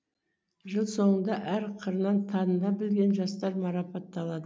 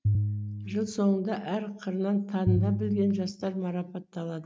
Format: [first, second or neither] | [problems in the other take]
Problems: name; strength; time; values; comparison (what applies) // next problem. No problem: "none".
first | noise reduction (neural mask model RNNoise)